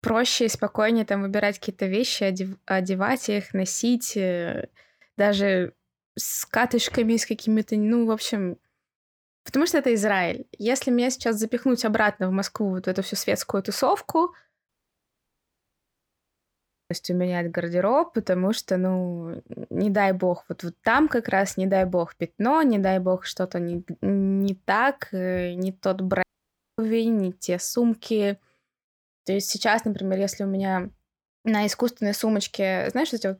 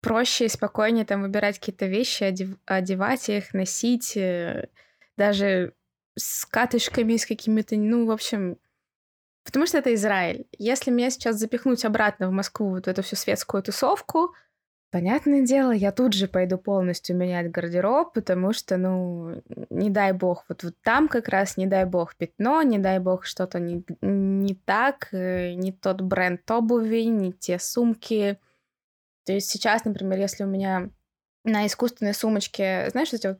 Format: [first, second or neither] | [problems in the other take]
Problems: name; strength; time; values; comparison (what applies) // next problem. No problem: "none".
second | audio cutting out; at 15 s for 2 s and at 26 s for 0.5 s